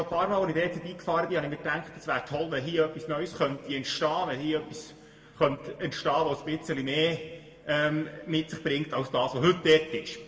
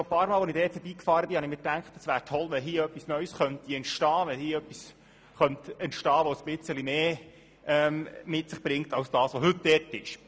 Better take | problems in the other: second | room echo; dies away in 1.1 s

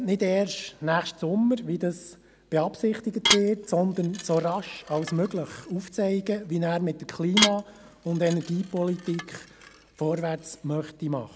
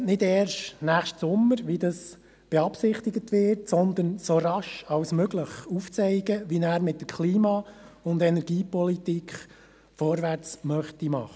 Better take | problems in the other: second | background sound (Dishes, pots, and pans / Glass); 6 dB below the speech

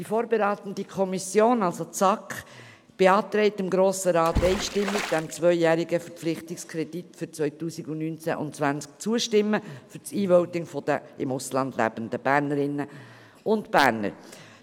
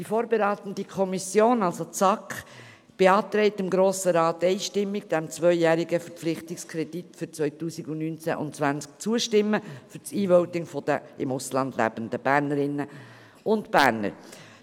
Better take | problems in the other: second | background sound (Water / Splash, splatter); 7 dB below the speech

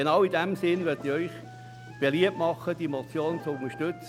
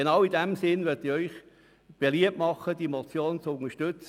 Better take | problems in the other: second | background sound (Wind instrument, woodwind instrument + Sliding door); 15 dB below the speech

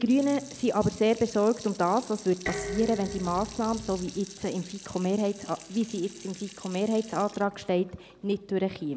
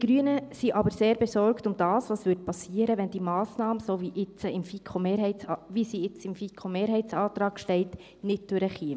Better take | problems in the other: second | background sound (Dishes, pots, and pans + Sink (filling or washing) / Water tap, faucet); 15 dB below the speech

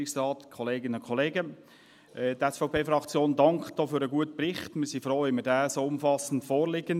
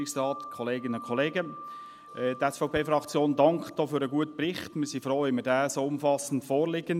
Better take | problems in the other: first | background sound (Wind chime); 19 dB below the speech

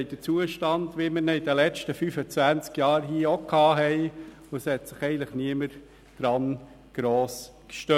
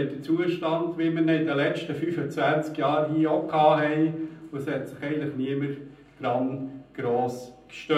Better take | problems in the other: first | room echo; dies away in 0.6 s

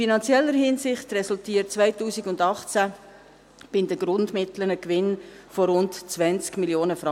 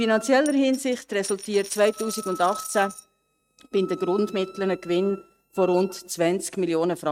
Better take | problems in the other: first | noise reduction (neural mask model RNNoise)

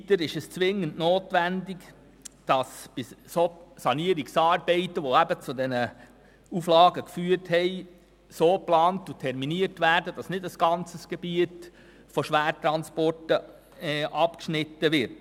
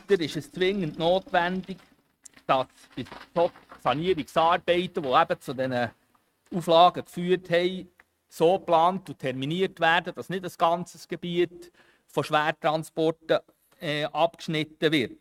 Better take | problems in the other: first | noise reduction (neural mask model RNNoise)

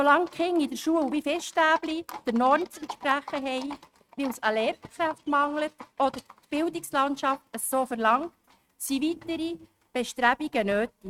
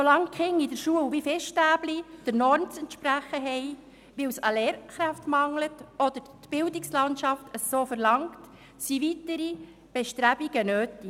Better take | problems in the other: second | noise reduction (neural mask model RNNoise)

